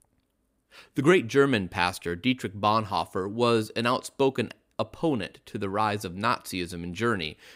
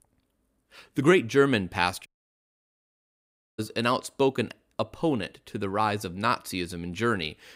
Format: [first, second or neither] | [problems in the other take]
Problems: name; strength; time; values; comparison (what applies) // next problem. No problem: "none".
first | audio cutting out; at 2 s for 1.5 s